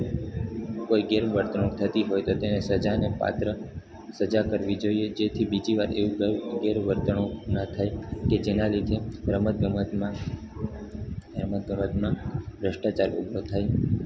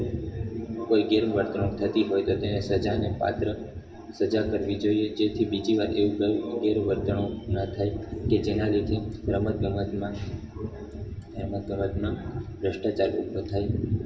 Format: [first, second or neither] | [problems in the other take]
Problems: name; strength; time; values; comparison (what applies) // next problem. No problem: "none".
first | room echo; dies away in 0.8 s